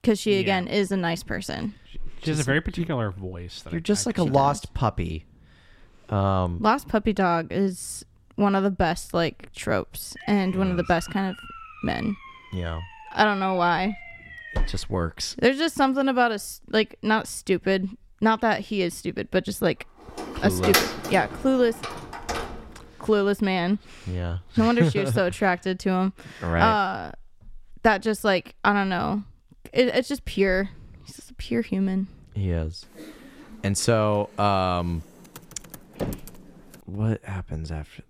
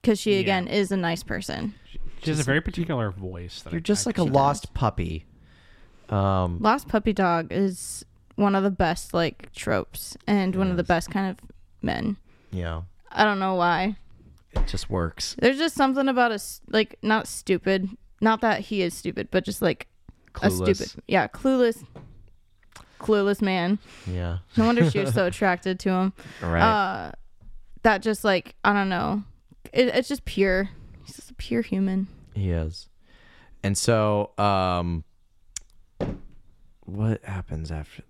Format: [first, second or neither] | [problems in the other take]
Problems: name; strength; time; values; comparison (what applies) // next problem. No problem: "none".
second | siren; faint; from 10 to 15 s; peak 15 dB below the speech // door banging; loud; from 20 to 23 s; peak 3 dB above the speech // keyboard typing; faint; from 33 to 37 s; peak 20 dB below the speech